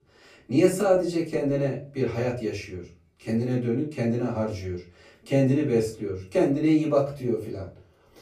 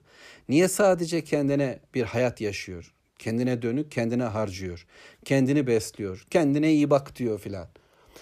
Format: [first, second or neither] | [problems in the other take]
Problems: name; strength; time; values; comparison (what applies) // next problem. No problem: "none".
second | off-mic speech; far // room echo; slight; dies away in 0.3 s